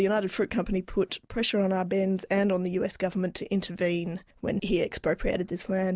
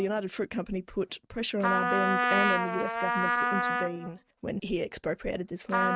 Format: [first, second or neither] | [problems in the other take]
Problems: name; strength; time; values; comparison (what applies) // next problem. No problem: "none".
first | noise reduction (neural mask model RNNoise)